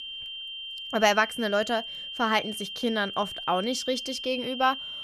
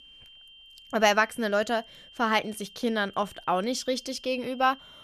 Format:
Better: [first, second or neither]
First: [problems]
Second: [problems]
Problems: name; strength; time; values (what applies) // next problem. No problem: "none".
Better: second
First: high-pitched whine; loud; throughout; 3 kHz, 8 dB below the speech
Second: high-pitched whine; faint; throughout; 3 kHz, 20 dB below the speech